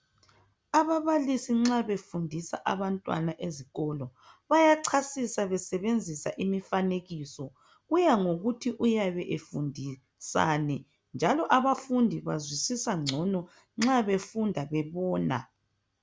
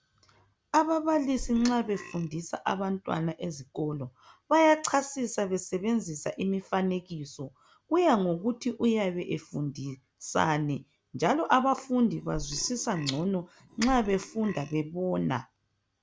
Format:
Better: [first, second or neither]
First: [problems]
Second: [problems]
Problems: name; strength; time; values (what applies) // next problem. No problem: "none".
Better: first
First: none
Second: background sound (Burping, eructation); 14 dB below the speech